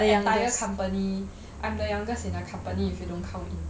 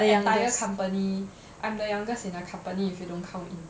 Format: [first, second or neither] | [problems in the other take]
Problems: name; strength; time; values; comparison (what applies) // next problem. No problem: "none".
second | background sound (Engine / Car); 9 dB below the speech